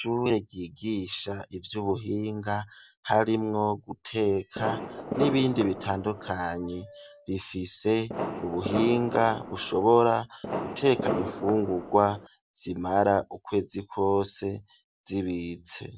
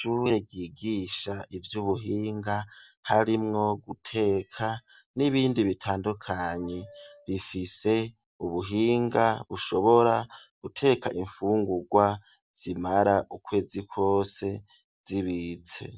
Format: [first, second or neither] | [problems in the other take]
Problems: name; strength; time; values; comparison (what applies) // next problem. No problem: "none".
second | background sound (Fireworks); 6 dB below the speech